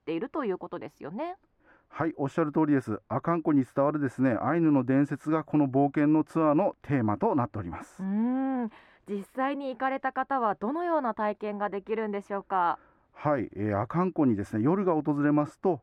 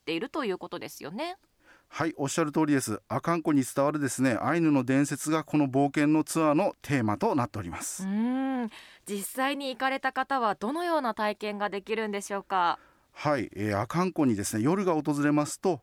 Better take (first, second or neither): second